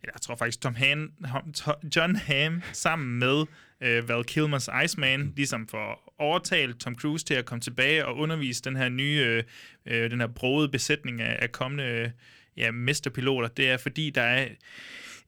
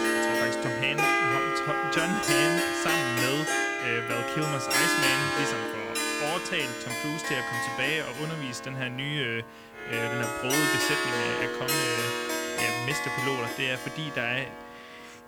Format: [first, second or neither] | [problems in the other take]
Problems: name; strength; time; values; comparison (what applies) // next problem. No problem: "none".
first | background music; very loud; throughout; 4 dB above the speech